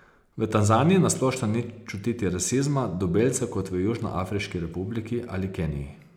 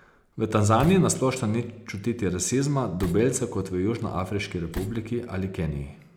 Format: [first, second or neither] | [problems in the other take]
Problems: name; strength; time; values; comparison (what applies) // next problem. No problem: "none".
first | background sound (Slam); 11 dB below the speech